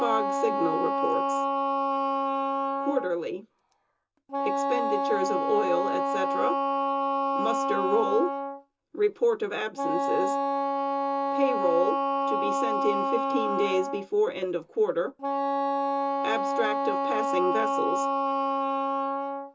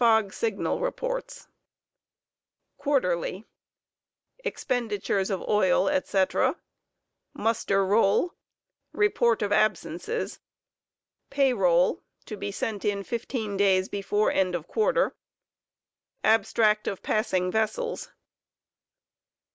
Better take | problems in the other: second | background sound (Wind instrument, woodwind instrument); 3 dB above the speech // room echo; dies away in 0.2 s

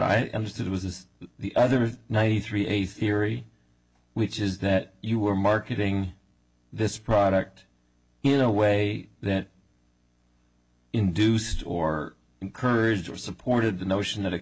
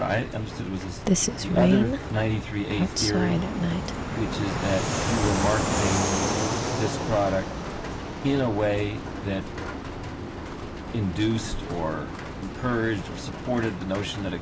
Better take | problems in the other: first | background sound (Rain + Fixed-wing aircraft, airplane); as loud as the speech

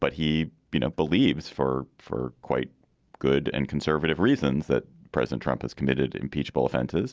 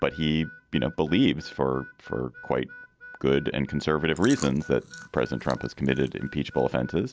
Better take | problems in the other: first | background sound (Chewing, mastication + Harmonica); 19 dB below the speech

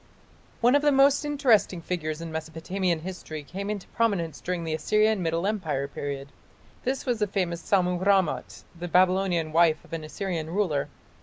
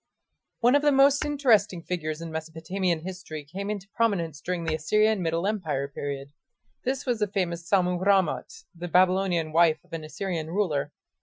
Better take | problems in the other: first | noise reduction (classical method Wiener filter)

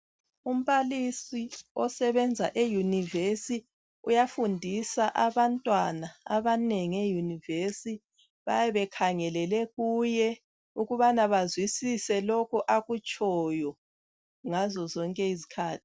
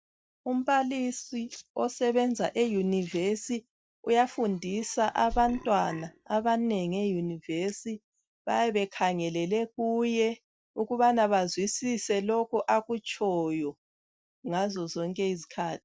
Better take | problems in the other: first | noise reduction (neural mask model DeepFilterNet 3)

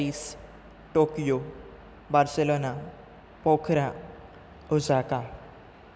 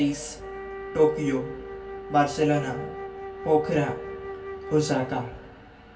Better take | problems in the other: first | background sound (Wind instrument, woodwind instrument); 11 dB below the speech // room echo; dies away in 0.2 s

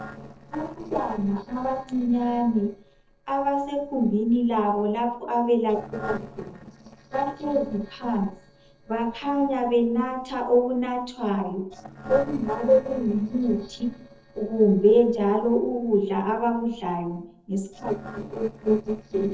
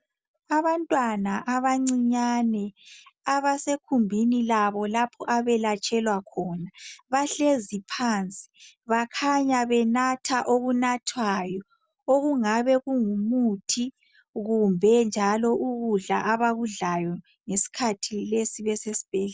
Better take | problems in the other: second | noise reduction (neural separator model SepFormer DNS4)

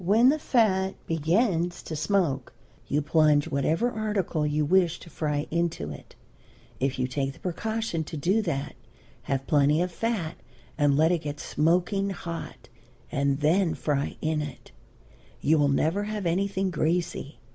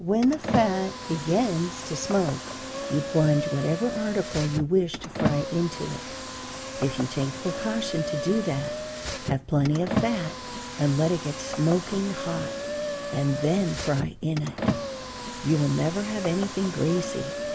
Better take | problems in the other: first | background sound (Car); 6 dB below the speech

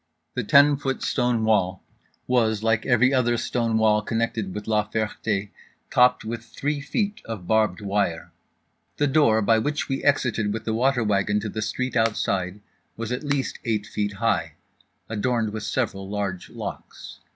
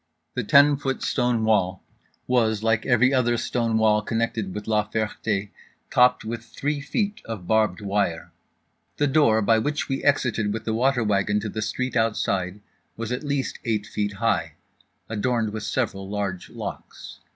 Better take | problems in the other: second | background sound (Finger snapping); 17 dB below the speech

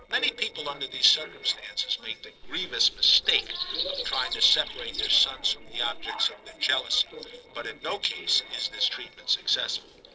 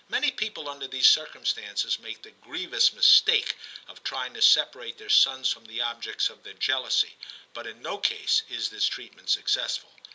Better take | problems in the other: second | noise reduction (neural separator model SepFormer DNS4)

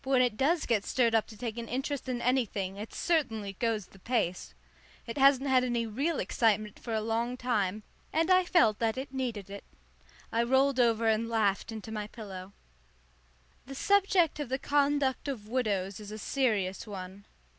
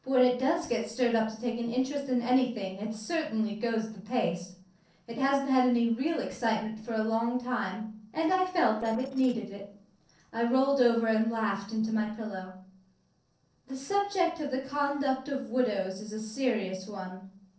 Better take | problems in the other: first | noise reduction (neural separator model SepFormer DNS4)

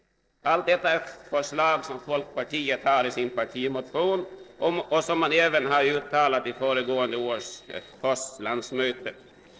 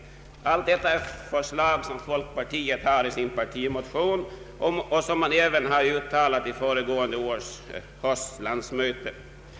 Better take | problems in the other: second | noise reduction (neural separator model SepFormer DNS4)

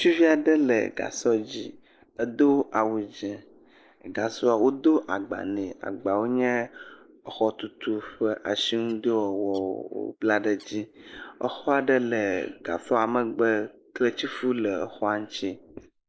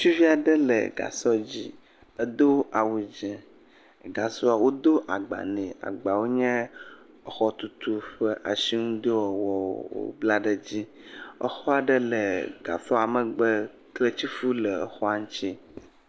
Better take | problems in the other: second | noise reduction (neural mask model Resemble Enhance denoiser)

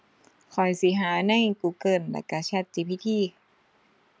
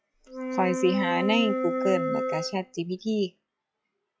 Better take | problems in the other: first | noise reduction (classical method log-MMSE)

